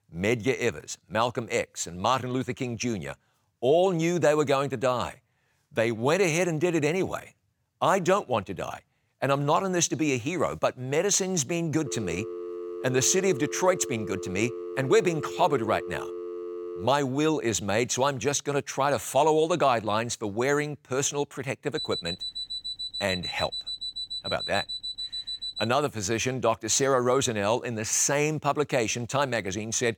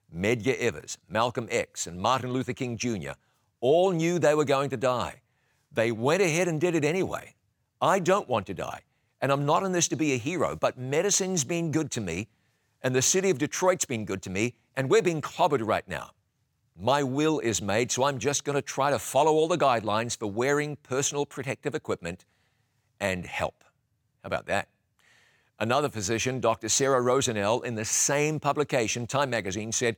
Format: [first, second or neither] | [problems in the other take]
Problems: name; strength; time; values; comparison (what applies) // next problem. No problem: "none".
second | phone ringing; noticeable; from 12 to 17 s; peak 10 dB below the speech // alarm; noticeable; from 22 to 26 s; peak 5 dB below the speech